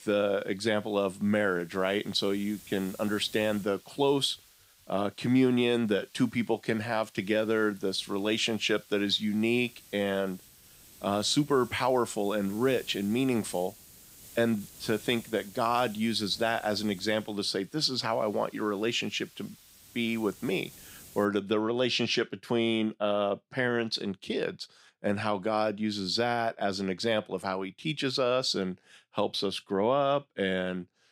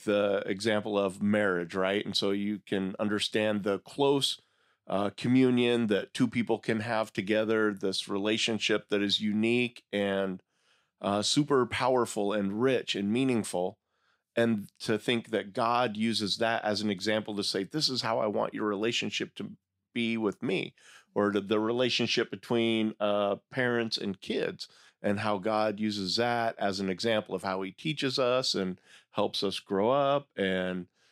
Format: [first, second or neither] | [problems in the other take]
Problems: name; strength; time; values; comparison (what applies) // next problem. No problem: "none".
second | hiss; faint; until 21 s; 20 dB below the speech